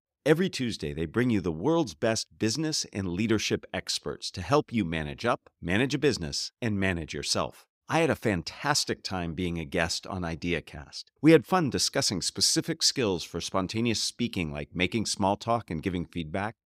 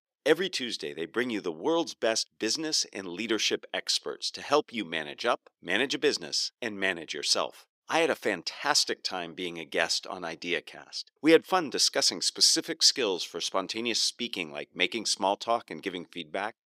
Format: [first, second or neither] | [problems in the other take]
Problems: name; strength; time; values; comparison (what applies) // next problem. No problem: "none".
first | thin; somewhat; fading below 400 Hz